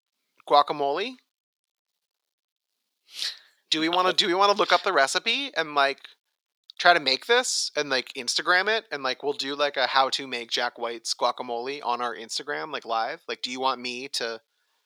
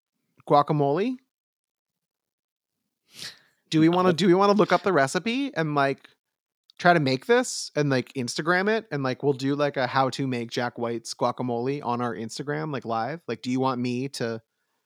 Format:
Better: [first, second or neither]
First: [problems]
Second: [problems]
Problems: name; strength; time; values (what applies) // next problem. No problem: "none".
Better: second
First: thin; very; fading below 550 Hz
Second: none